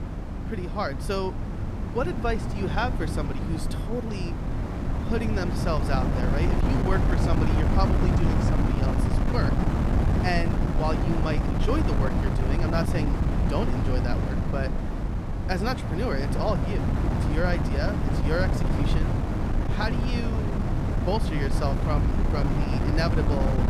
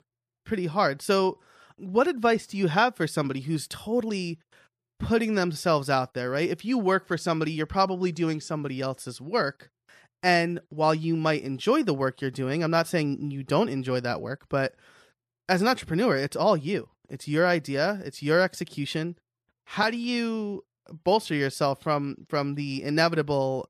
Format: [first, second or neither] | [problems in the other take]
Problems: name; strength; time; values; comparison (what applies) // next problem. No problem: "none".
second | wind noise on the microphone; heavy; 2 dB below the speech